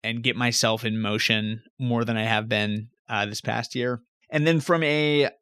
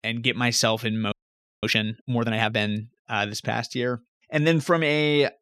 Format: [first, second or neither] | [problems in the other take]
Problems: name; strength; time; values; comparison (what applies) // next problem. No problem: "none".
first | audio freezing; at 1 s for 0.5 s